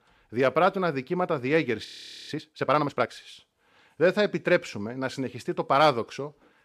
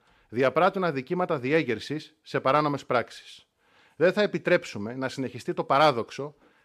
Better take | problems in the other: second | audio freezing; at 2 s

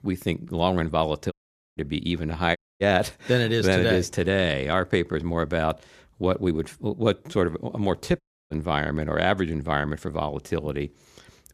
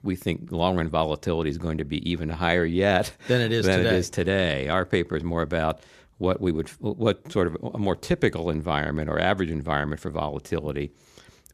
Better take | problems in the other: second | audio cutting out; at 1.5 s, at 2.5 s and at 8 s

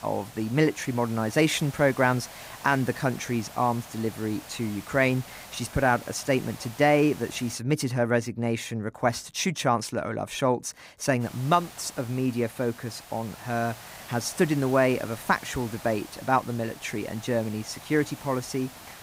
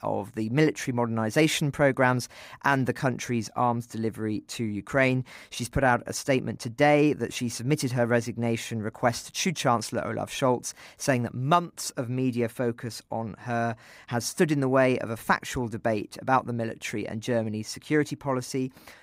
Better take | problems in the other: second | hiss; noticeable; until 7.5 s and from 11 s on; 15 dB below the speech

